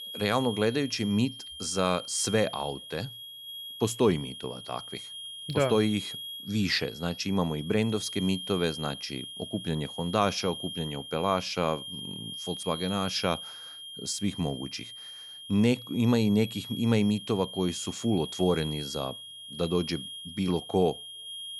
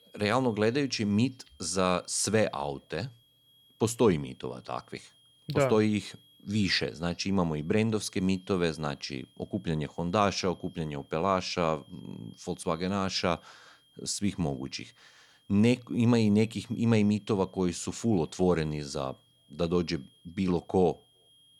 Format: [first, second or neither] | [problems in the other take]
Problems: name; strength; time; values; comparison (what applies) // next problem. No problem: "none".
second | high-pitched whine; loud; throughout; 3 kHz, 10 dB below the speech; faint in the second